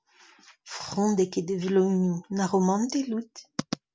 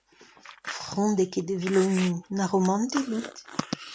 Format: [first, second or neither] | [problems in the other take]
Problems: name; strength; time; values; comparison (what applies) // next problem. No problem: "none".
first | background sound (Chewing, mastication); 14 dB below the speech